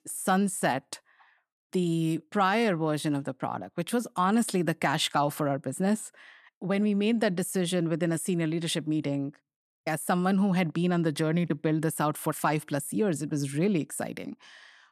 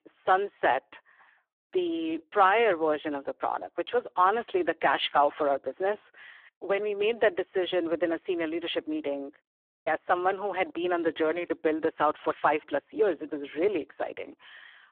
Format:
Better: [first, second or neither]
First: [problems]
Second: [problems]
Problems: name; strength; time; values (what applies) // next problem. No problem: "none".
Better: first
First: none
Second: phone-call audio; poor line; nothing above 3.5 kHz